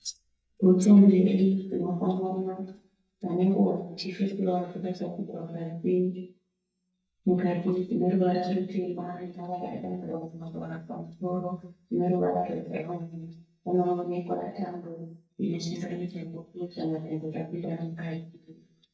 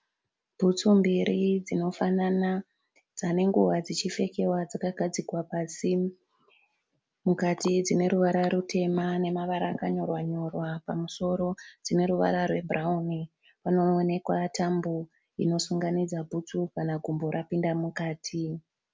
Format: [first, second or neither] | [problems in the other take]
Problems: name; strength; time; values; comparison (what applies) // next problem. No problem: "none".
second | noise reduction (neural mask model DeepFilterNet 3)